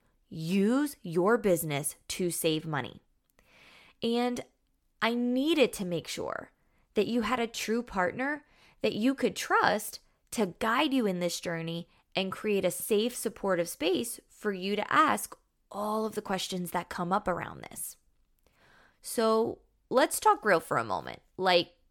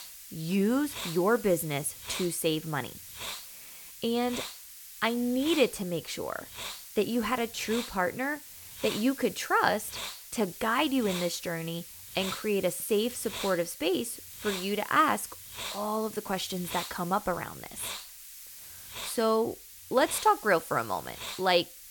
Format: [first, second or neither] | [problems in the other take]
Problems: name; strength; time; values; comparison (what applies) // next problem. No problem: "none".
first | hiss; noticeable; throughout; 10 dB below the speech